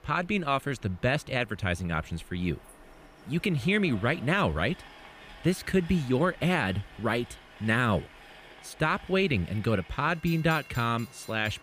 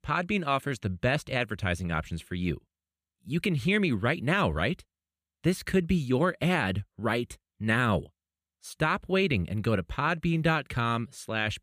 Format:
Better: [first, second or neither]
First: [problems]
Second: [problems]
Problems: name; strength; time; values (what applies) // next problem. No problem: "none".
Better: second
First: train or aircraft noise; faint; throughout; 20 dB below the speech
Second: none